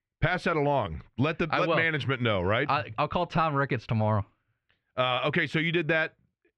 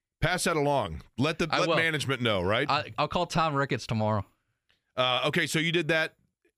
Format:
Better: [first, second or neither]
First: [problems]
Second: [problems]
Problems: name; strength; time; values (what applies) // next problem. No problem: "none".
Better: second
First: muffled; slightly; fading above 2.5 kHz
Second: none